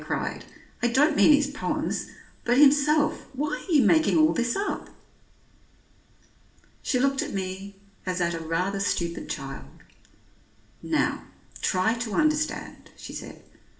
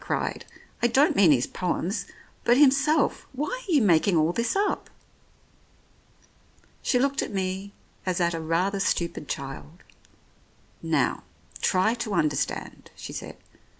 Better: second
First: room echo; dies away in 0.5 s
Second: none

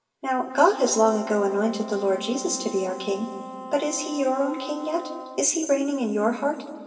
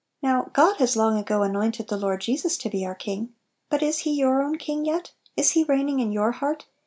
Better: second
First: background sound (Wind instrument, woodwind instrument); 14 dB below the speech // room echo; dies away in 2.7 s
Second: none

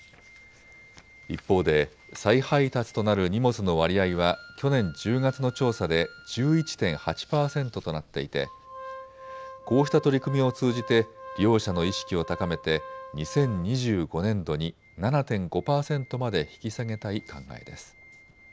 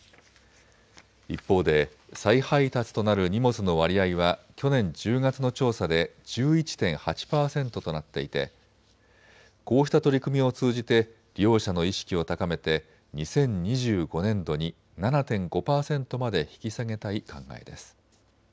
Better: second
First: background sound (Organ); 19 dB below the speech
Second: none

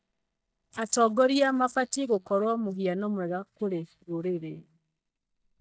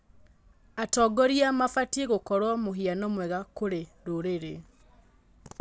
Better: second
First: noise reduction (neural mask model DeepFilterNet 3)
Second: none

